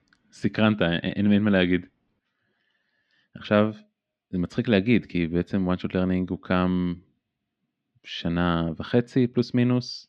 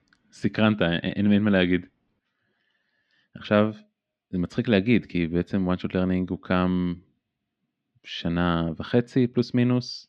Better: neither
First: muffled; very slightly; fading above 4 kHz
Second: muffled; very slightly; fading above 4 kHz

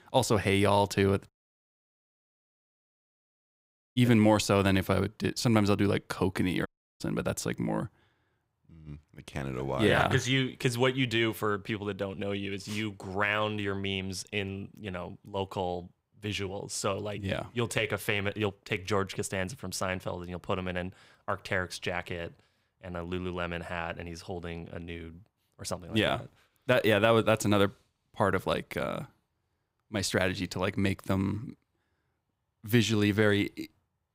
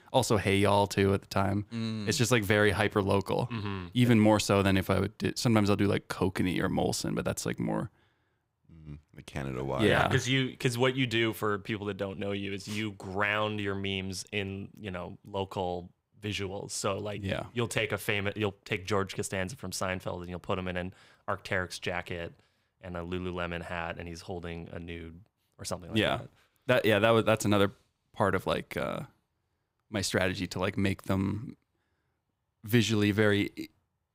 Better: second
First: audio cutting out; at 1.5 s for 2.5 s and at 6.5 s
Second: none

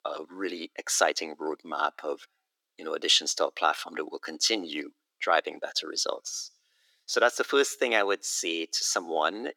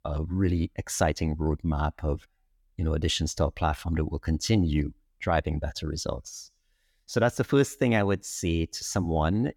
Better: second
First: thin; very; fading below 350 Hz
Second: none

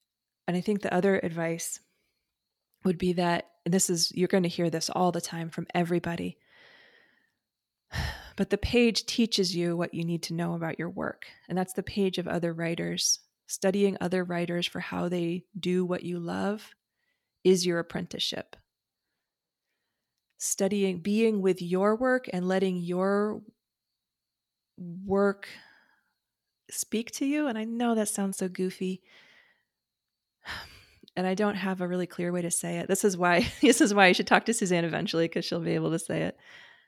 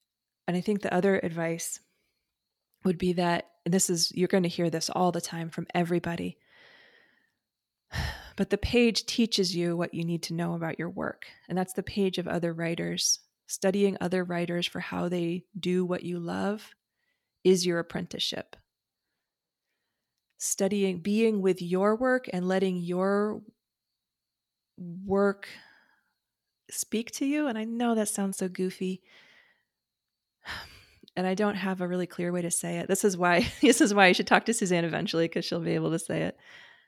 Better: neither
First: none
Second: none

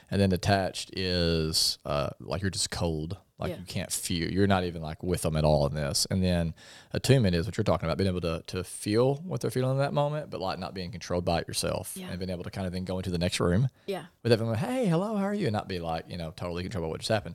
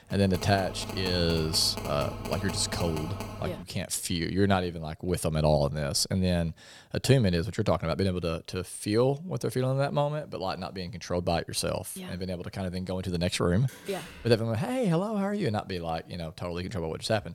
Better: first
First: none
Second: phone ringing; noticeable; until 3.5 s; peak 7 dB below the speech // door banging; faint; at 14 s; peak 15 dB below the speech

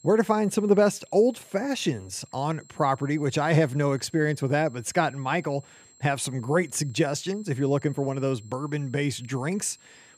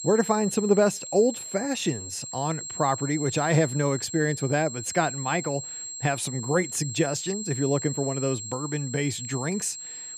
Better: first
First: high-pitched whine; faint; throughout; 7.5 kHz, 25 dB below the speech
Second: high-pitched whine; loud; throughout; 7.5 kHz, 7 dB below the speech

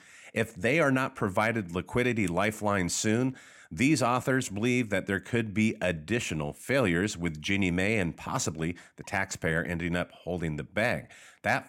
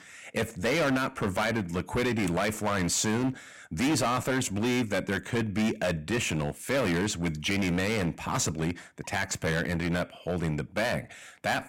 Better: first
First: none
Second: distortion; heavy; 13% of the sound clipped

